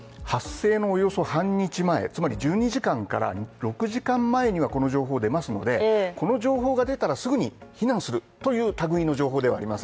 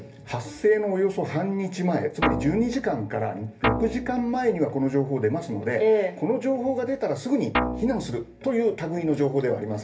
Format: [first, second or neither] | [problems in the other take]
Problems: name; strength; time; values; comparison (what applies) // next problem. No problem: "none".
first | background sound (Guitar); 4 dB below the speech // room echo; dies away in 0.3 s